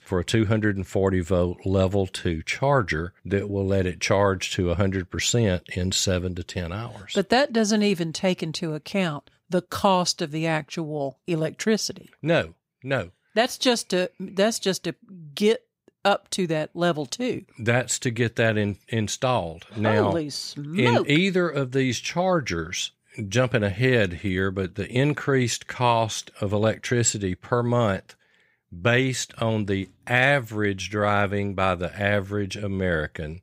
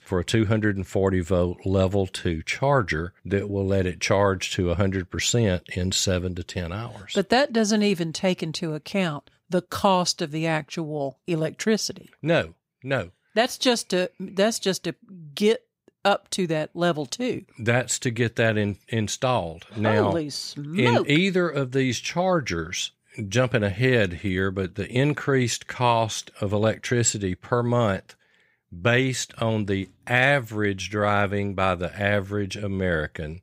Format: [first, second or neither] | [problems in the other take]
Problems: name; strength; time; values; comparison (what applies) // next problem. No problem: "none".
neither | none